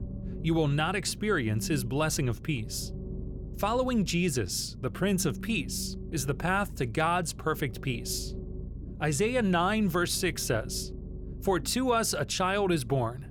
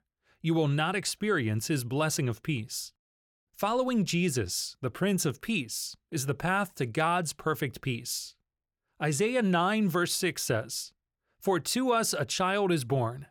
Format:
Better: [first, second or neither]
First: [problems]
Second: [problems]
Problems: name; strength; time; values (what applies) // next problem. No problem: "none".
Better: second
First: low rumble; noticeable; throughout; 20 dB below the speech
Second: none